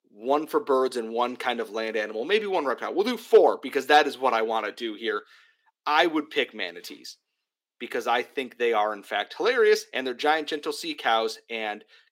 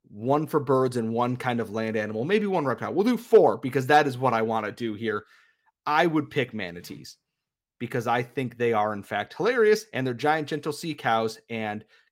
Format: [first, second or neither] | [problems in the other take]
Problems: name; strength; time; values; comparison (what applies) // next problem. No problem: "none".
second | thin; somewhat; fading below 300 Hz